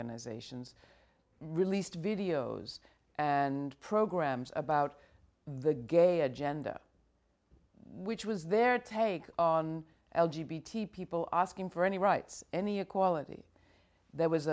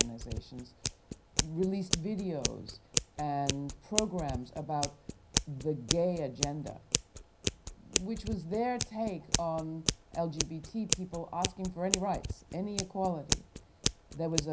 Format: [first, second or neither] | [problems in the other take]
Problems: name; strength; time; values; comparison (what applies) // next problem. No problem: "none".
first | background sound (Scissors); as loud as the speech // room echo; dies away in 0.4 s